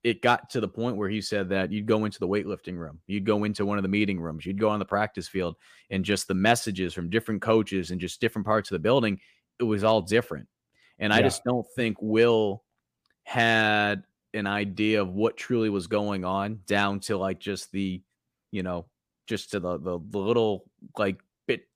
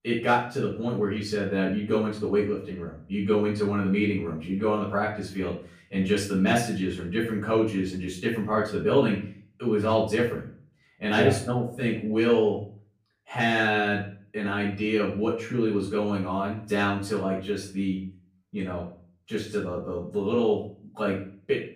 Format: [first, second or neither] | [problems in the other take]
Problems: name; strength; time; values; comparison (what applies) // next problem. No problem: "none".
first | off-mic speech; far // room echo; noticeable; dies away in 0.4 s